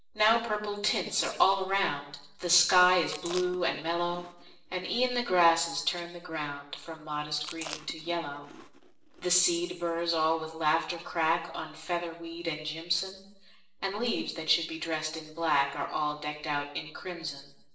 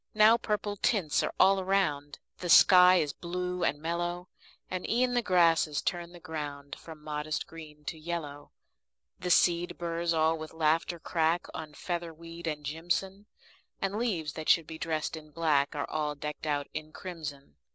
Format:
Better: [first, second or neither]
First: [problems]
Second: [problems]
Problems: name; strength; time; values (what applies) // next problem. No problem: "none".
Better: second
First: background sound (Chewing, mastication); 17 dB below the speech // room echo; dies away in 0.7 s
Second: none